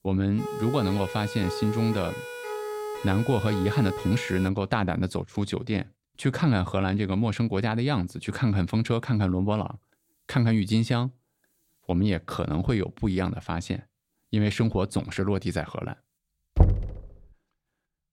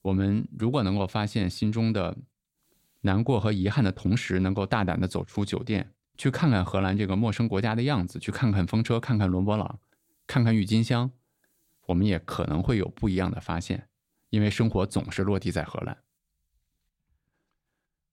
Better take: second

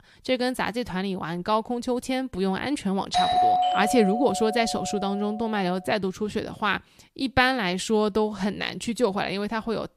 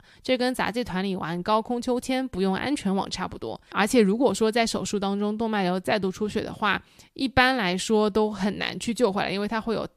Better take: second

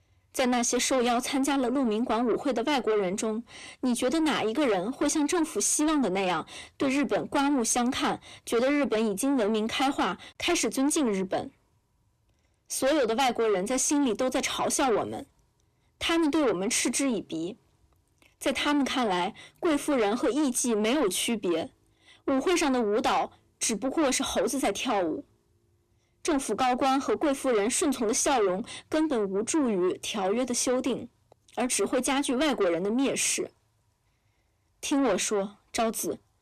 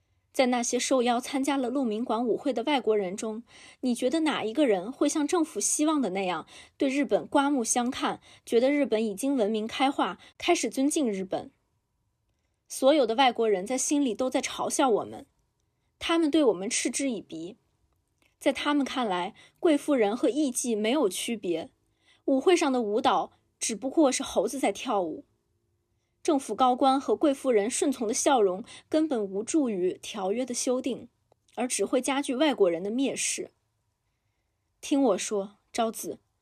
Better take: second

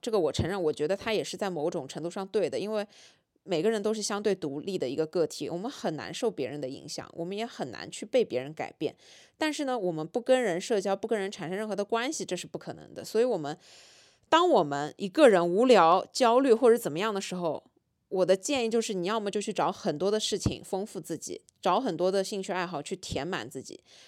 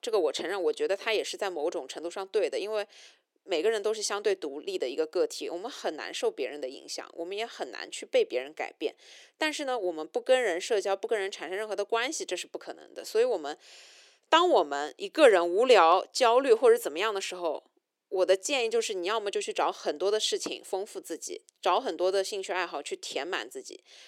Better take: first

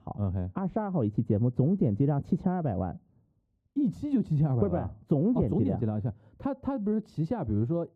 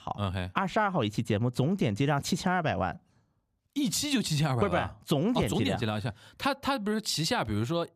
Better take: second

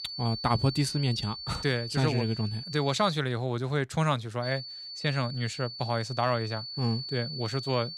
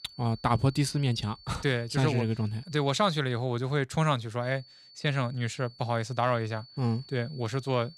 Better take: second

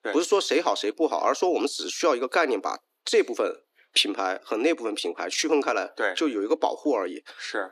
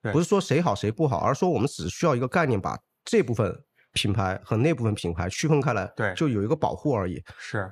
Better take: second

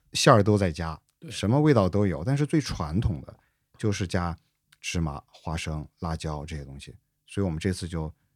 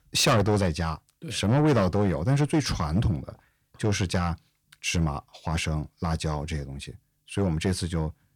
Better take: first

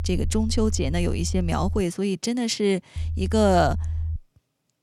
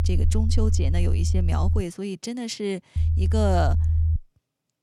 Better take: first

